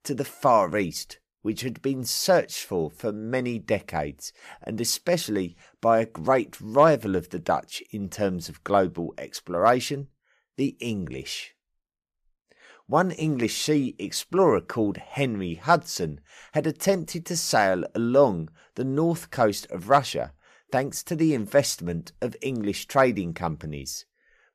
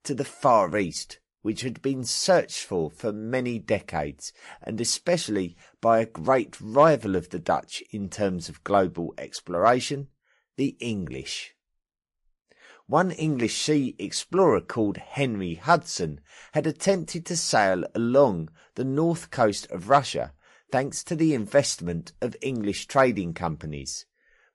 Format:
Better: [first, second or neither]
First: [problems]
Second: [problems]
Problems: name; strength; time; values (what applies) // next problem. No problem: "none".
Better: first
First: none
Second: garbled, watery; slightly; nothing above 11.5 kHz